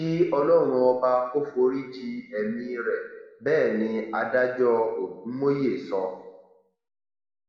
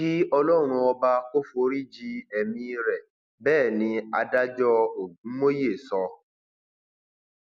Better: second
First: room echo; dies away in 1 s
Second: none

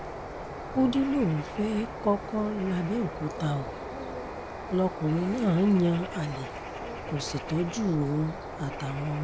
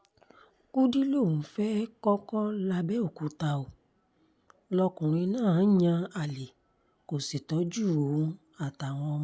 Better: second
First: background sound (Bird); 8 dB below the speech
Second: none

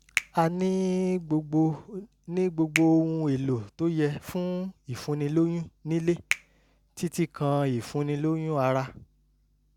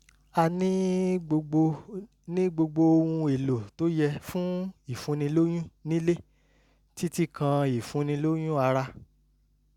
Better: second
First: background sound (Finger snapping); 12 dB below the speech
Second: none

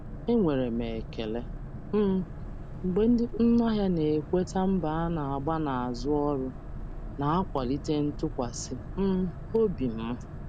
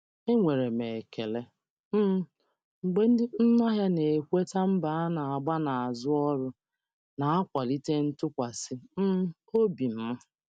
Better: second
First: background sound (Boat, Water vehicle); 9 dB below the speech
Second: none

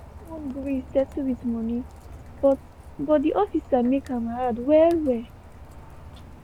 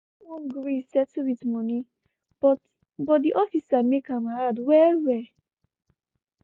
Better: second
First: background sound (Rain); 17 dB below the speech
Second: none

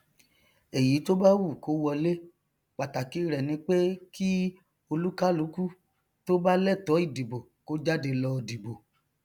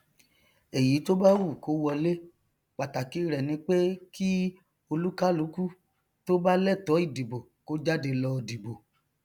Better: first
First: none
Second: background sound (Cutlery, silverware); 19 dB below the speech

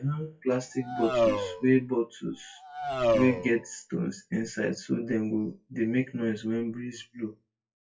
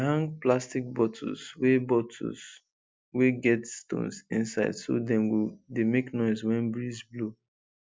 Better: second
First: noise reduction (classical method WPE with log-MMSE)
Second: none

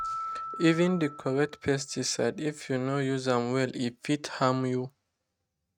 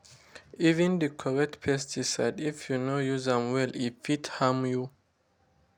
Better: second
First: noise reduction (neural mask model RNNoise)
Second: none

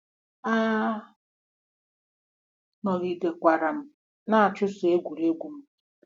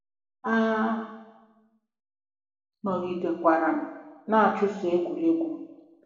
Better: first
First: none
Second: room echo; dies away in 1.1 s

